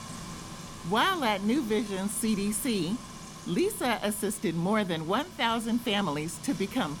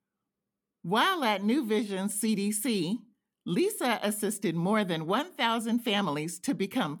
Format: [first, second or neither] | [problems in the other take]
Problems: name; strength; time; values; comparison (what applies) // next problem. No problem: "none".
second | household noises; noticeable; throughout; 15 dB below the speech